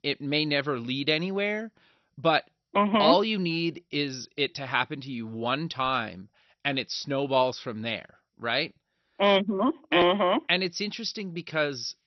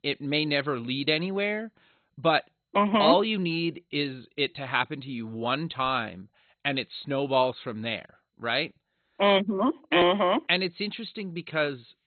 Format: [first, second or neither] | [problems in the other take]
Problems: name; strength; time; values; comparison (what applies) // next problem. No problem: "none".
first | garbled, watery; badly; nothing above 4 kHz; slightly in the first